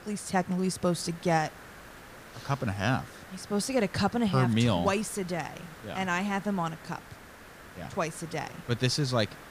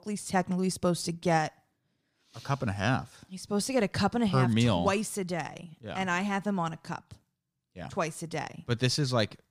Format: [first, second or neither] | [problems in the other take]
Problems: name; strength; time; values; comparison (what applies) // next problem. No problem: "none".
second | hiss; noticeable; throughout; 20 dB below the speech